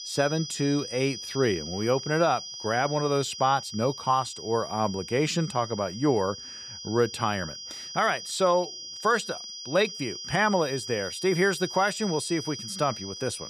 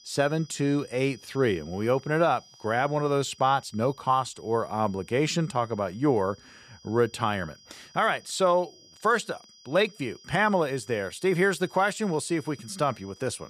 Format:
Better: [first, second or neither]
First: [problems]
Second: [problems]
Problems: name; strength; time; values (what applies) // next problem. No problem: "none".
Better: second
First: high-pitched whine; loud; throughout; 5 kHz, 9 dB below the speech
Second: high-pitched whine; faint; throughout; 5 kHz, 25 dB below the speech